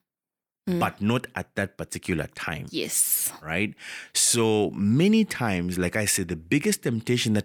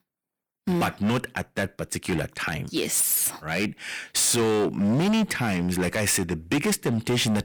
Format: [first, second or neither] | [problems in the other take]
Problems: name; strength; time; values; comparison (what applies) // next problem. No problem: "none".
first | distortion; heavy; 15% of the sound clipped